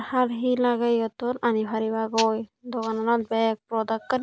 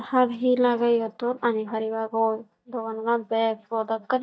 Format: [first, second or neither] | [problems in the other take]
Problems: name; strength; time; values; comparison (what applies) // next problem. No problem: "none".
first | noise reduction (neural mask model DeepFilterNet 3)